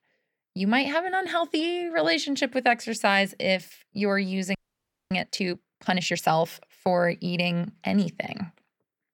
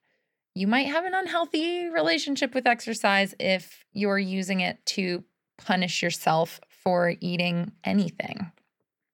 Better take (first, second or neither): second